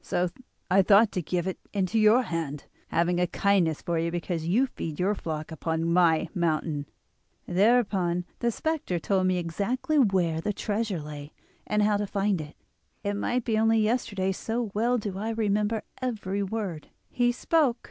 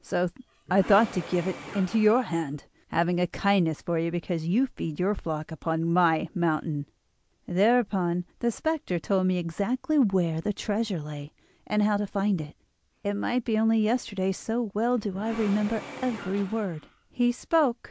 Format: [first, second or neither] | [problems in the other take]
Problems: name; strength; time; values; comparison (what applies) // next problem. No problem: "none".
first | background sound (Engine / Mechanisms); 16 dB below the speech